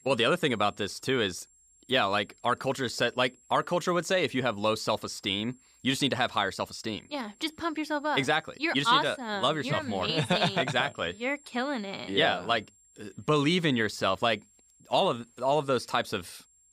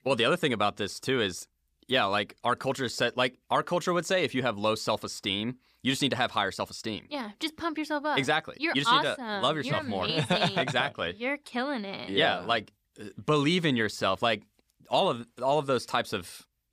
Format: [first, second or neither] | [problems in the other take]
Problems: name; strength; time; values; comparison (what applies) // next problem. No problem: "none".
second | high-pitched whine; faint; throughout; 7.5 kHz, 30 dB below the speech